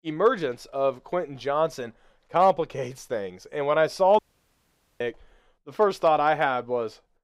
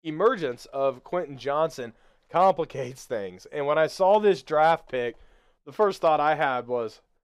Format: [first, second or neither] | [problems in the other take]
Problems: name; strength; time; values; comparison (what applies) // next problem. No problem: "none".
second | audio cutting out; at 4 s for 1 s